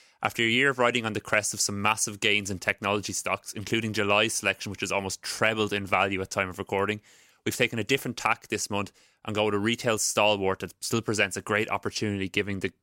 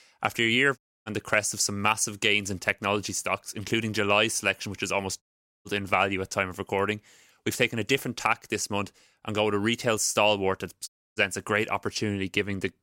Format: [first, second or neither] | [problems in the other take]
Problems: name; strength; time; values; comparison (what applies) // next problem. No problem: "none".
first | audio cutting out; at 1 s, at 5 s and at 11 s